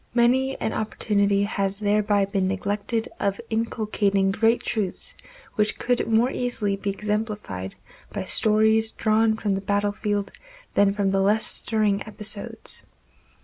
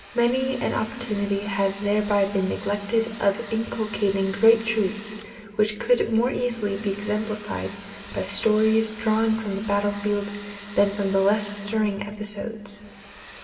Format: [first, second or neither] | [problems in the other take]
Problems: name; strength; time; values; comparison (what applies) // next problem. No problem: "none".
first | background sound (Domestic sounds, home sounds); 19 dB below the speech // room echo; dies away in 2.3 s